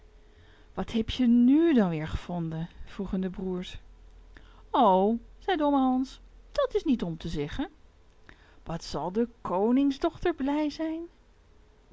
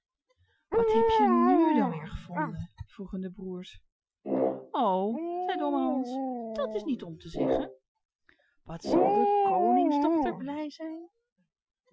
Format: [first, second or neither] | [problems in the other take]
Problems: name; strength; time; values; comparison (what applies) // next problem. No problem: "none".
first | noise reduction (classical method Wiener filter)